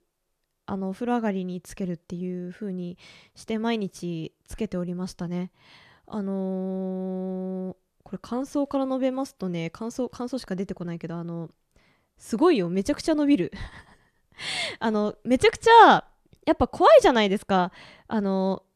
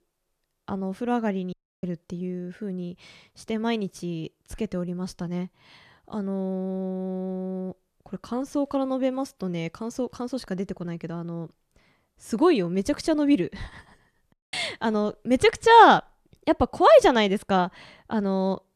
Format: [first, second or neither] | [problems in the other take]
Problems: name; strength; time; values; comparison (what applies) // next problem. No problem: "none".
first | audio cutting out; at 1.5 s and at 14 s